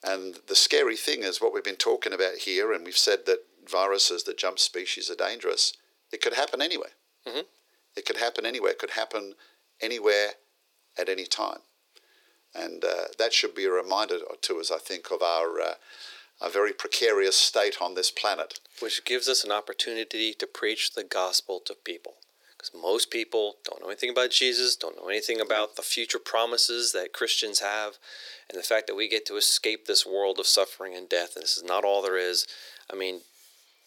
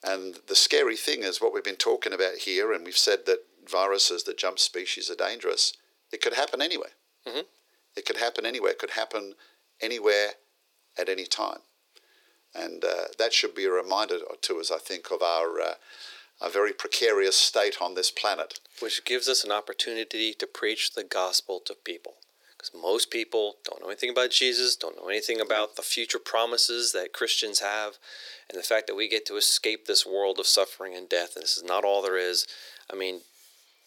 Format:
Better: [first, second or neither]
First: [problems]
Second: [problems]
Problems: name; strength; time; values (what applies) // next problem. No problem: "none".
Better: neither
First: thin; very; fading below 400 Hz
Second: thin; very; fading below 400 Hz